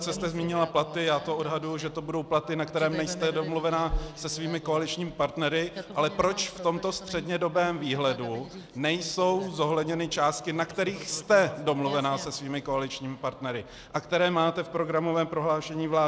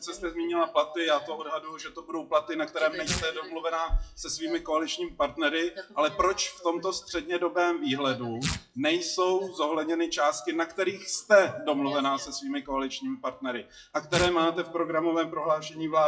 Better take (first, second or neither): first